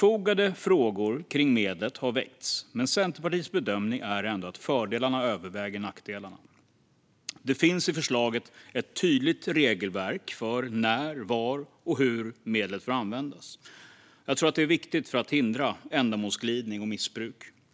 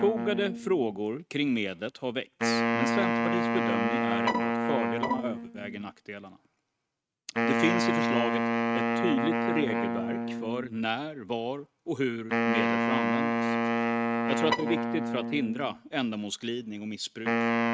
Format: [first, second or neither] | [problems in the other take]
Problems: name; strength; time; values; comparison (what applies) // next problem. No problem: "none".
first | noise reduction (neural mask model RNNoise)